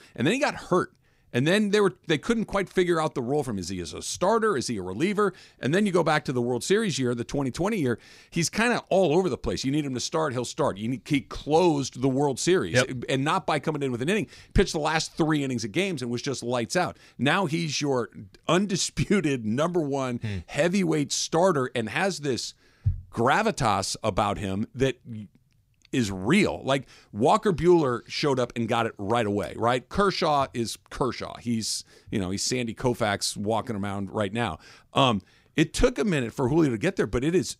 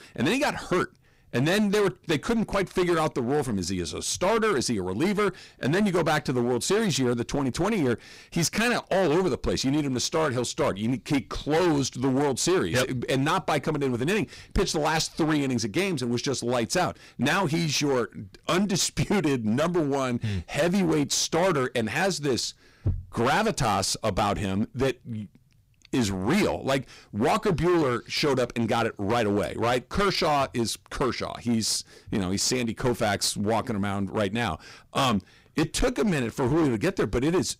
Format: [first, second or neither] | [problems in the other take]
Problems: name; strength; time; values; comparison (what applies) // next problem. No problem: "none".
first | distortion; heavy; 15% of the sound clipped